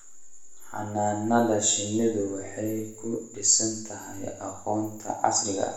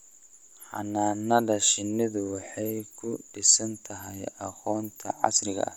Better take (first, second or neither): second